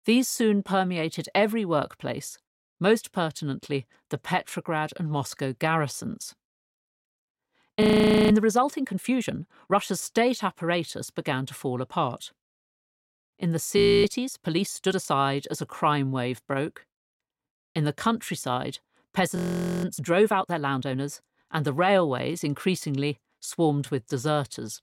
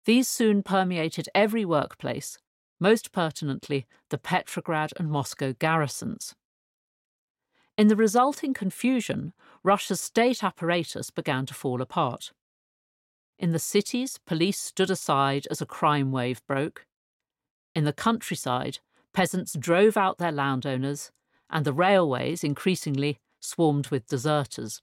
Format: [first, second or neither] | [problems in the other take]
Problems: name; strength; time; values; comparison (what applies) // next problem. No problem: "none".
second | audio freezing; at 8 s, at 14 s and at 19 s